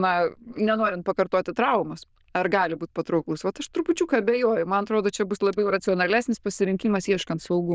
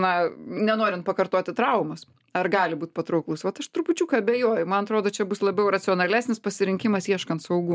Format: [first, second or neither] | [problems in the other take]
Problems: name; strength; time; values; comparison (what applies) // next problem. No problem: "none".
second | noise reduction (neural diffusion model UNIVERSE++)